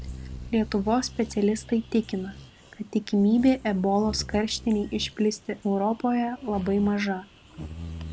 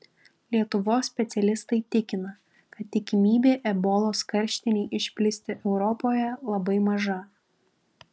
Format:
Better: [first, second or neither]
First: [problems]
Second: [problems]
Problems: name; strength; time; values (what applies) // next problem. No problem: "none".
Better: second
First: background sound (Bird vocalization, bird call, bird song); 15 dB below the speech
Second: none